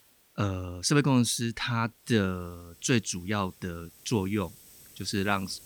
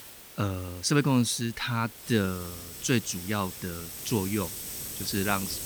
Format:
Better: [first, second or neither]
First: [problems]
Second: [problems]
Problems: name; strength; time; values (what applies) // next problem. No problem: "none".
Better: first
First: hiss; faint; throughout; 25 dB below the speech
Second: hiss; loud; throughout; 9 dB below the speech